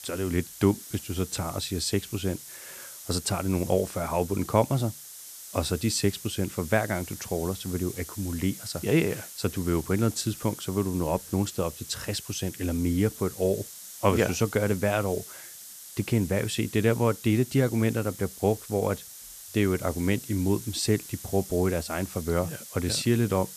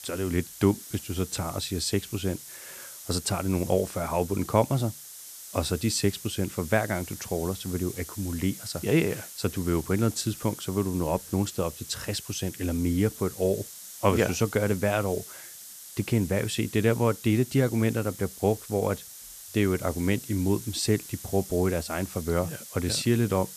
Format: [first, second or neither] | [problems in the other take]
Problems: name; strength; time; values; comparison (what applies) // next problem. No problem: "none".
neither | hiss; noticeable; throughout; 15 dB below the speech; the same in both